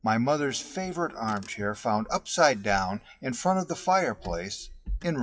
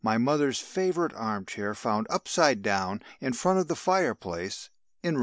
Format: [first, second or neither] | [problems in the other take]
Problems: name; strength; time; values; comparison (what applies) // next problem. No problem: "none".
second | noise reduction (classical method WPE with log-MMSE)